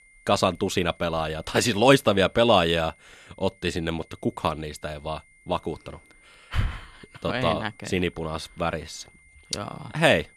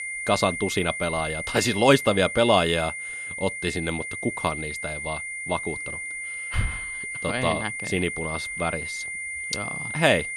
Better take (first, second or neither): first